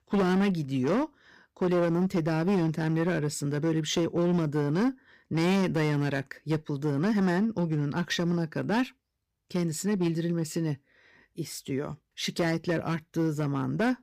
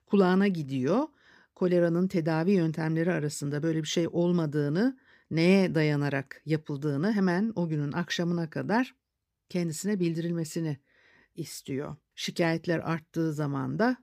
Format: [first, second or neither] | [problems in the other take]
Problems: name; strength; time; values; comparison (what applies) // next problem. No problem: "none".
second | distortion; slight; 9% of the sound clipped